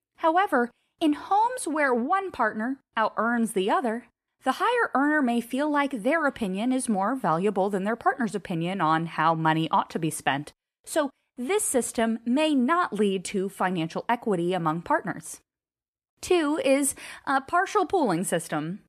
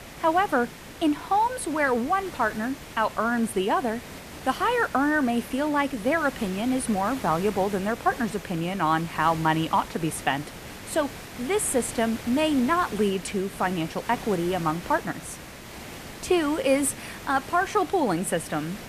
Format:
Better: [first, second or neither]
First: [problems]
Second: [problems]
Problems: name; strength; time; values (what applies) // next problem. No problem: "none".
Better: first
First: none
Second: hiss; noticeable; throughout; 15 dB below the speech